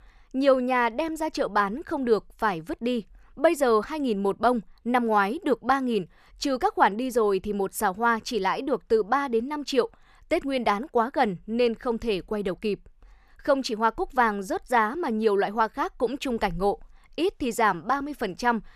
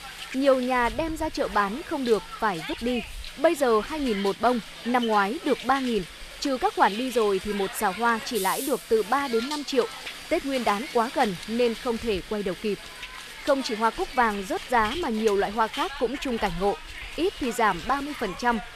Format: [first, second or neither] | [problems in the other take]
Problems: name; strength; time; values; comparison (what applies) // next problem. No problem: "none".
first | hiss; noticeable; throughout; 10 dB below the speech